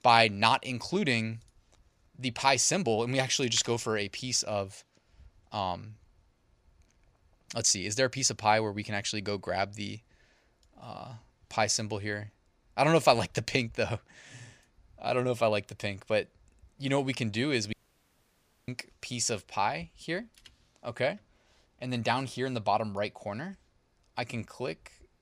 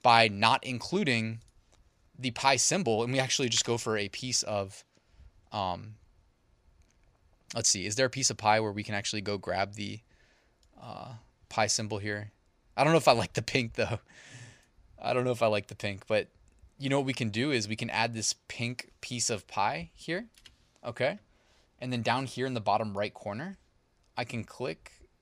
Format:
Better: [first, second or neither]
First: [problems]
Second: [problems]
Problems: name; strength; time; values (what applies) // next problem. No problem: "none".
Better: second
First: audio cutting out; at 18 s for 1 s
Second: none